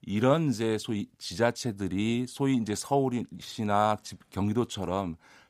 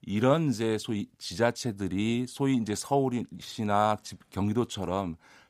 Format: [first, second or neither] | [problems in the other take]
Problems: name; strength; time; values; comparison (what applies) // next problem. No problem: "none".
neither | none